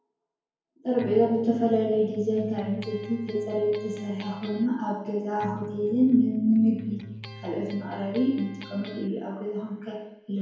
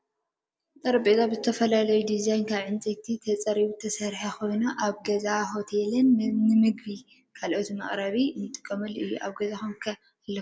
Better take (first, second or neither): second